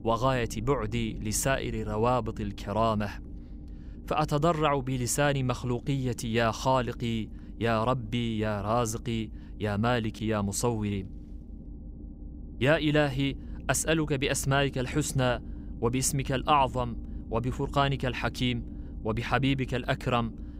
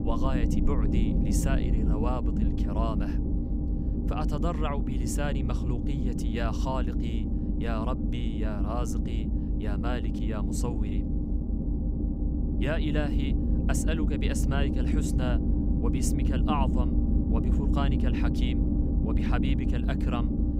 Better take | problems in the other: first | low rumble; loud; throughout; 1 dB below the speech; faint in the first

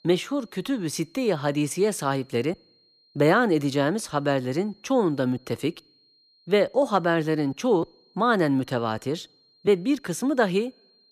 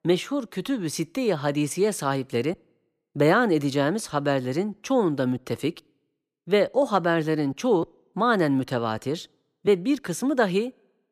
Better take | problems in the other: second | high-pitched whine; faint; throughout; 4 kHz, 35 dB below the speech

